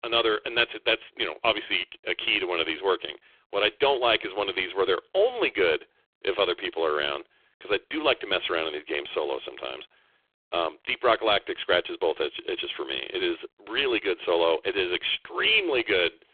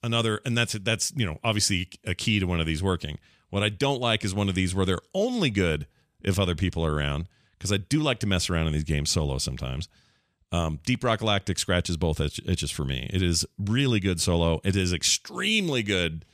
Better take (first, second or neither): second